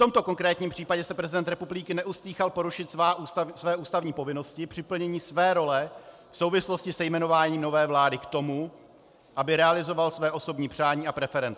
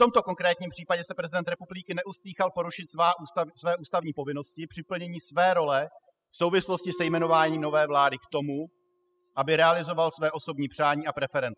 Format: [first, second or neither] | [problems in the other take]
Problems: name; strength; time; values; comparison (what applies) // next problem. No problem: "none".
first | noise reduction (classical method spectral subtraction)